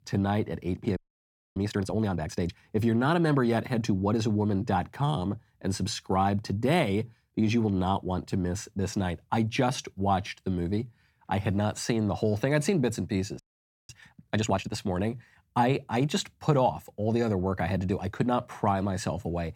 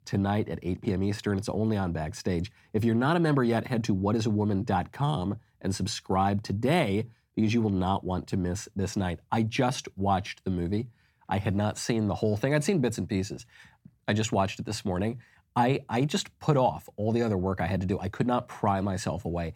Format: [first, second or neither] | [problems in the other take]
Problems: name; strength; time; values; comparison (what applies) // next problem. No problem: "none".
second | audio freezing; at 1 s for 0.5 s and at 13 s